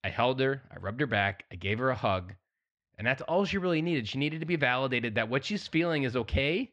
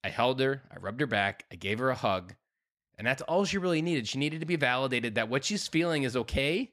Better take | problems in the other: second | muffled; very slightly; fading above 3 kHz

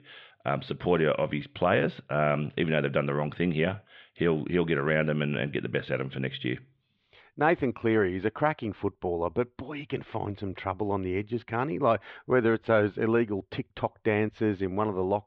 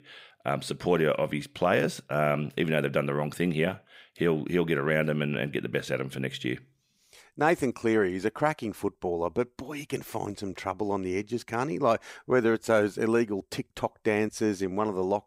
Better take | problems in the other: second | muffled; very; fading above 3.5 kHz

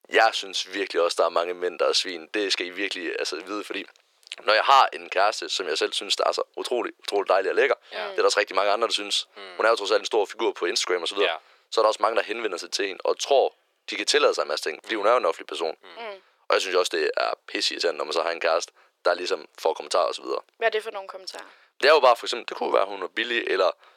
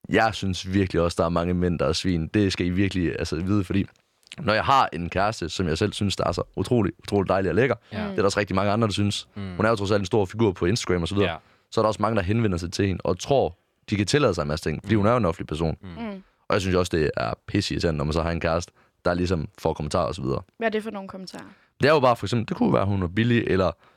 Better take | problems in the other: second | thin; very; fading below 400 Hz

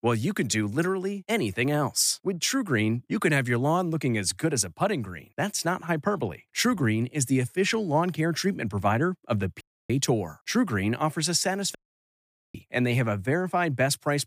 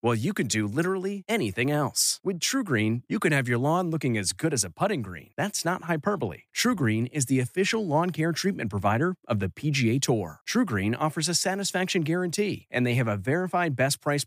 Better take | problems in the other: second | audio cutting out; at 9.5 s and at 12 s for 1 s

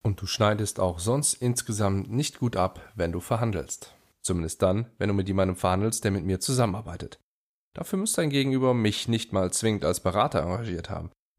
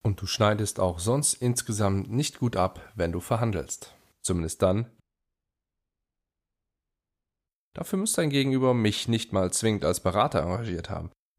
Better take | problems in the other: first | audio cutting out; at 5 s for 2.5 s

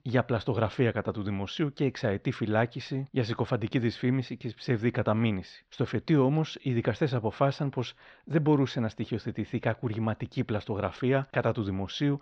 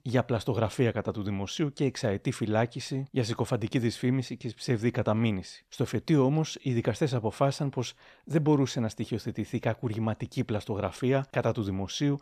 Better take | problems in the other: second | muffled; very slightly; fading above 4.5 kHz

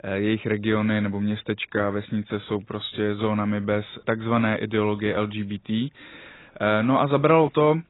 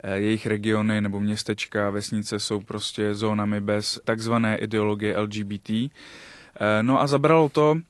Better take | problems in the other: second | garbled, watery; badly; nothing above 4 kHz; slightly in the second

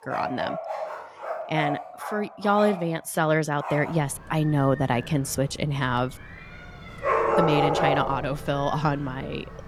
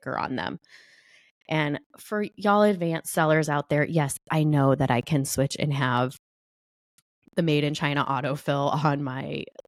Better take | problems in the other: second | animal sounds; loud; throughout; 3 dB below the speech

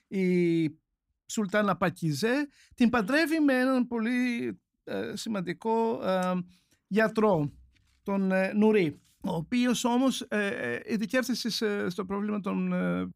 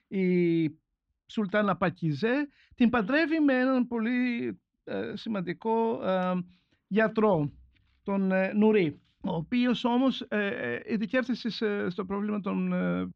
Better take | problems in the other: first | muffled; slightly; fading above 3.5 kHz

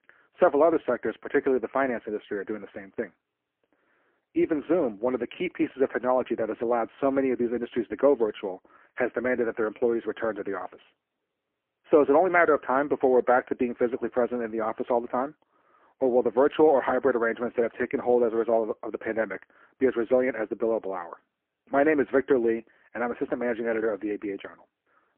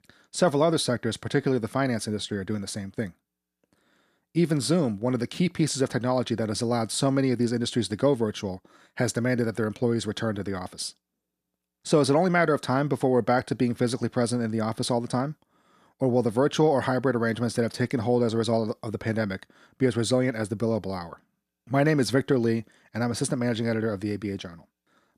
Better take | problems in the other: second | phone-call audio; poor line

